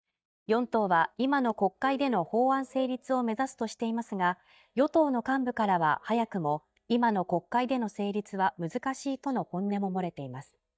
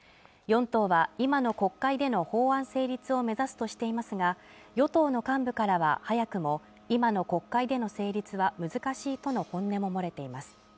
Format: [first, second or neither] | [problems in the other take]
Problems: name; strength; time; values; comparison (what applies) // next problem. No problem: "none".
second | noise reduction (neural mask model DeepFilterNet 3)